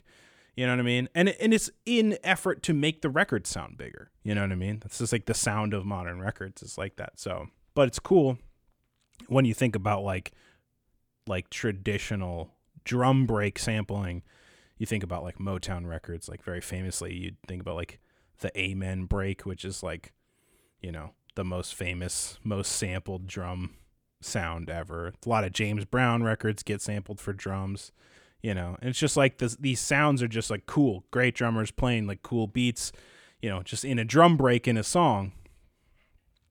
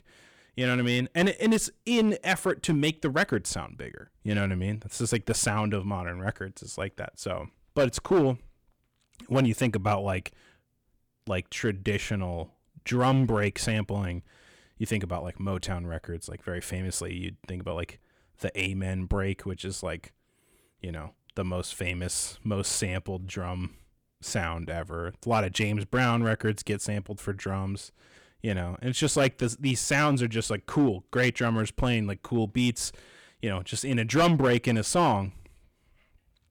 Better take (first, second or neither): first